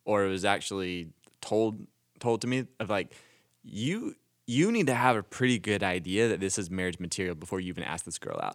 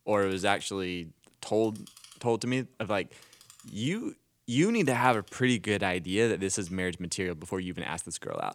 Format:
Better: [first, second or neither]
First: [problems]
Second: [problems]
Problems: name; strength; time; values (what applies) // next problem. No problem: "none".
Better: first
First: none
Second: household noises; faint; throughout; 25 dB below the speech